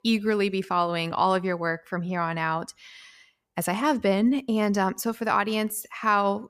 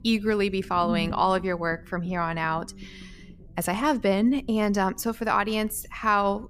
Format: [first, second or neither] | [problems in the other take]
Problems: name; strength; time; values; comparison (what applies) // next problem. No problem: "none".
first | low rumble; noticeable; throughout; 20 dB below the speech